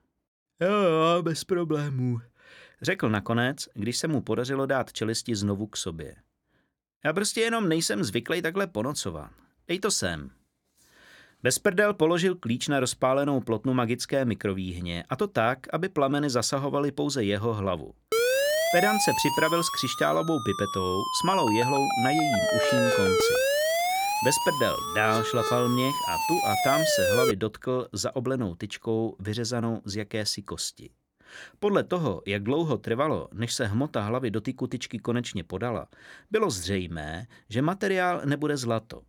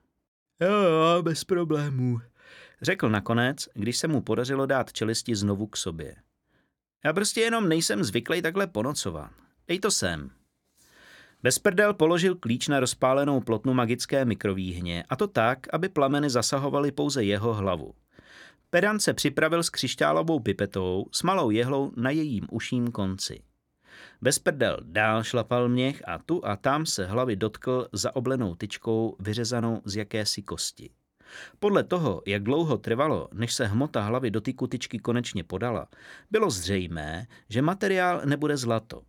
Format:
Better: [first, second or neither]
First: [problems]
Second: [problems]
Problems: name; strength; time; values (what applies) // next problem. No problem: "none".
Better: second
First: siren; loud; from 18 to 27 s; peak 5 dB above the speech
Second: none